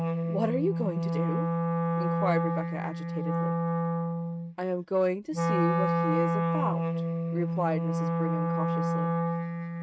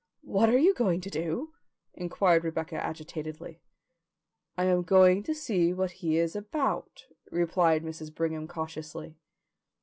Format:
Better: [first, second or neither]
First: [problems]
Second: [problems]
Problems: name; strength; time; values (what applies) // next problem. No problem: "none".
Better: second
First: noise reduction (neural mask model RNNoise)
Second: none